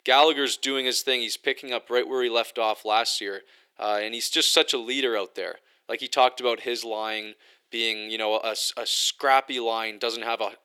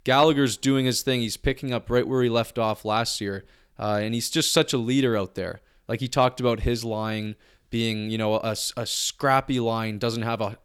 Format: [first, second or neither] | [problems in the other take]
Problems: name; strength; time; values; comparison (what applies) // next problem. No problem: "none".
second | thin; very; fading below 350 Hz